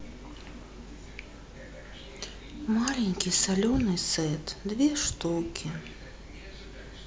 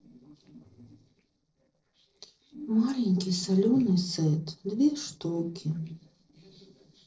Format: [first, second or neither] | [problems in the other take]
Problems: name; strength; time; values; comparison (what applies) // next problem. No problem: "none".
first | noise reduction (neural separator model SepFormer DNS4)